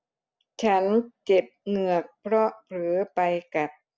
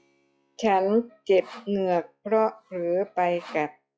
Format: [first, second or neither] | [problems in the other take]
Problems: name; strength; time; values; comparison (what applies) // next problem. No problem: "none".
first | noise reduction (classical method log-MMSE)